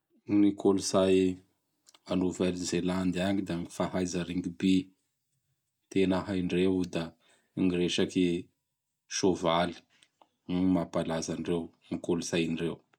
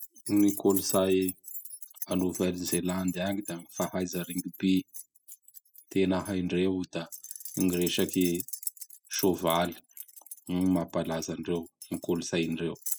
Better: first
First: none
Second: noise reduction (classical method spectral subtraction)

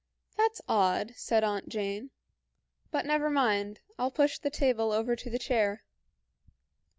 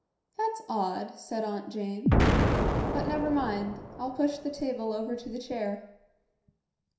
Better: first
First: none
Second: background sound (Explosion); 1 dB above the speech // room echo; dies away in 0.7 s

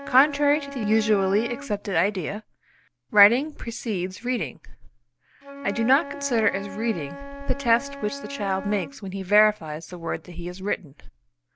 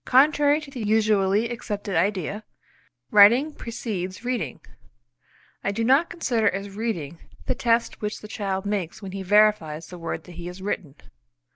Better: second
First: background sound (Wind instrument, woodwind instrument); 15 dB below the speech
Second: none

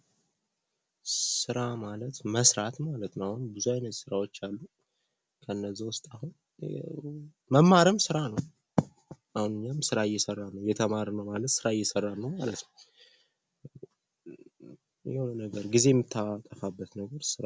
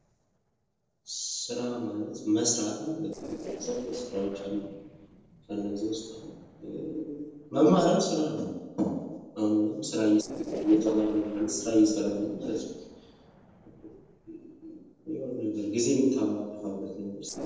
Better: first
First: none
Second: noise reduction (neural separator model SepFormer DNS4)

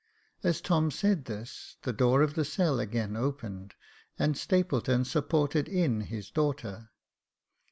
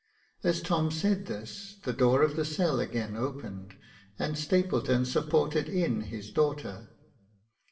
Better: first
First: none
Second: room echo; dies away in 0.6 s

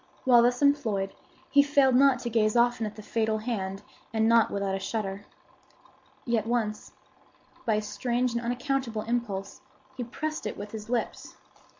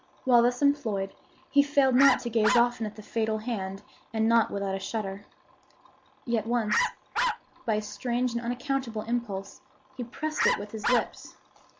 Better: first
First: none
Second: background sound (Bark); 2 dB below the speech

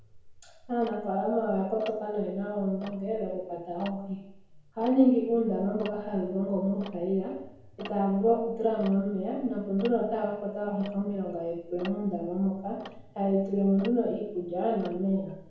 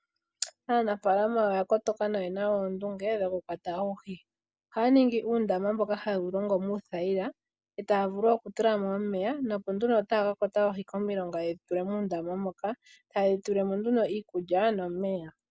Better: second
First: background sound (Tick-tock); 19 dB below the speech // room echo; dies away in 0.9 s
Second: none

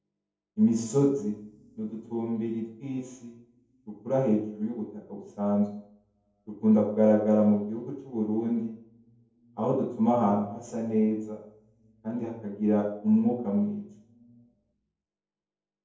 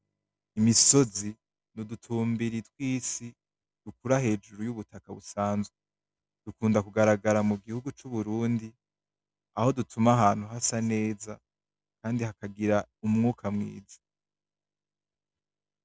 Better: second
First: room echo; dies away in 0.7 s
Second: none

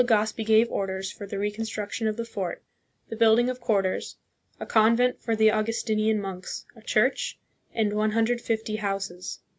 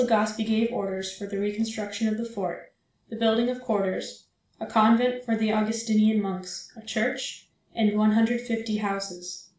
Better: first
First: none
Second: room echo; dies away in 0.4 s

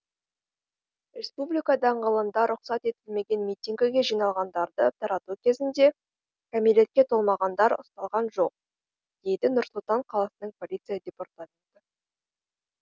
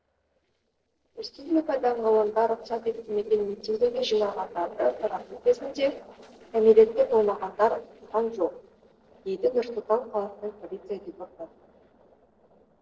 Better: first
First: none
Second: noise reduction (neural separator model SepFormer DNS4)

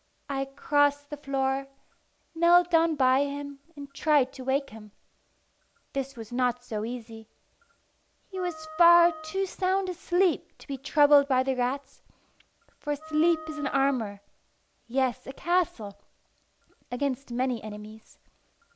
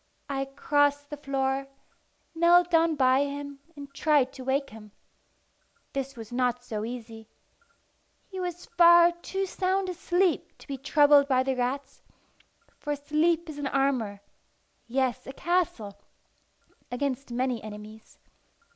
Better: second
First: background sound (Wind instrument, woodwind instrument); 15 dB below the speech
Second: none

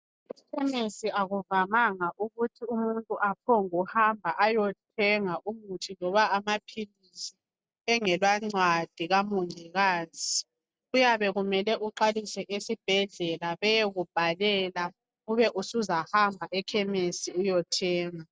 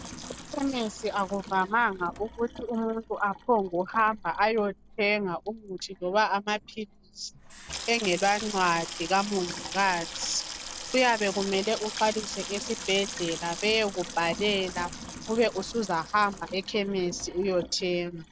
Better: first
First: none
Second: background sound (Sink (filling or washing) / Water tap, faucet); 12 dB below the speech

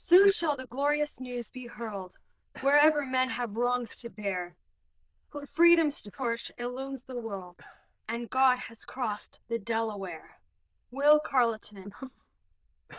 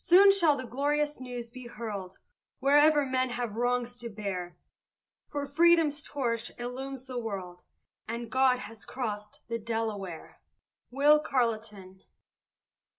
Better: second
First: noise reduction (neural diffusion model UNIVERSE++)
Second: none

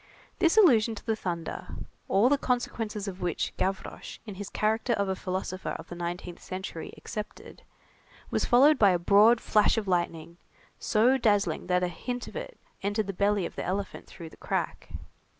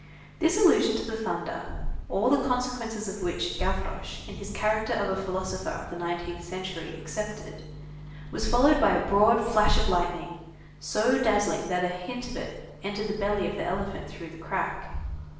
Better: first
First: none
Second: background sound (Microwave oven); 17 dB below the speech // room echo; dies away in 0.9 s

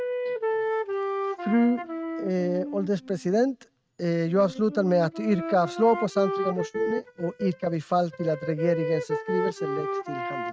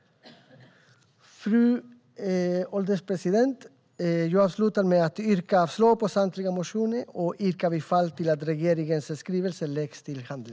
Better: second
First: noise reduction (neural mask model RNNoise)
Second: none

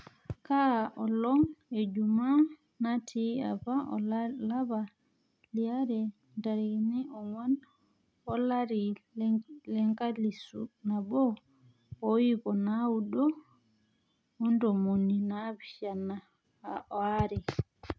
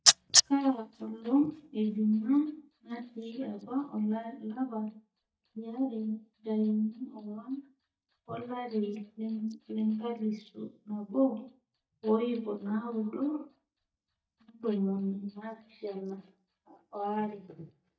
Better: first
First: none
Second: noise reduction (neural mask model DeepFilterNet 3)

